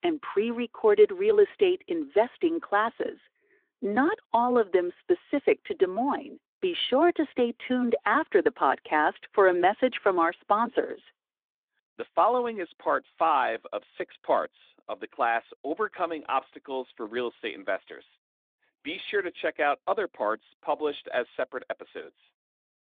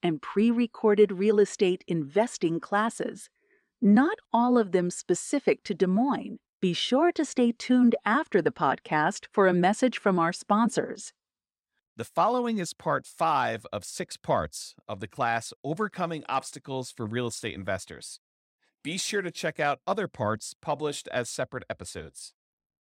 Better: second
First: phone-call audio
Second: none

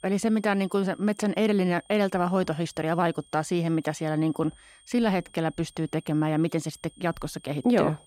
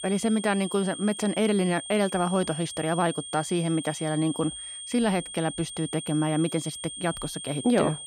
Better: first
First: high-pitched whine; faint; throughout; 3.5 kHz, 30 dB below the speech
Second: high-pitched whine; loud; throughout; 3.5 kHz, 9 dB below the speech

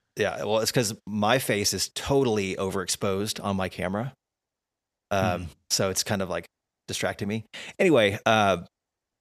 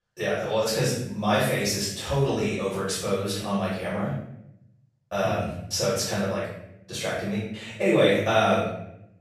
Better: first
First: none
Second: off-mic speech; far // room echo; noticeable; dies away in 0.7 s

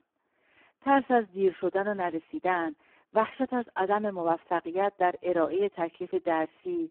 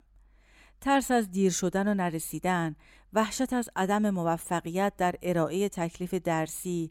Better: second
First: phone-call audio; poor line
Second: none

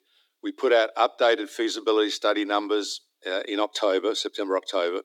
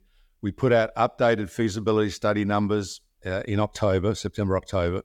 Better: second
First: thin; somewhat; fading below 300 Hz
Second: none

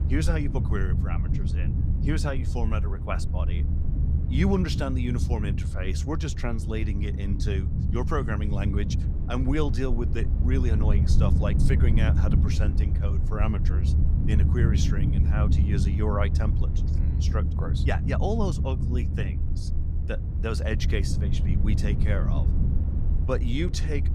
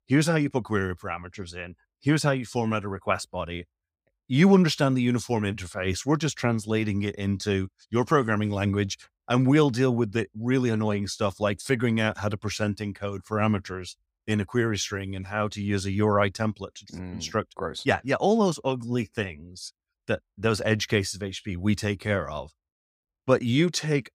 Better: second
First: low rumble; loud; throughout; 5 dB below the speech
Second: none

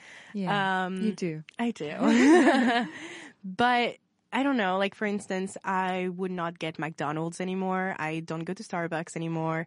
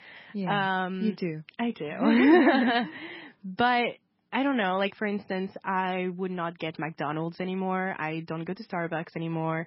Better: first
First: garbled, watery; slightly; nothing above 10.5 kHz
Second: garbled, watery; badly; nothing above 5.5 kHz

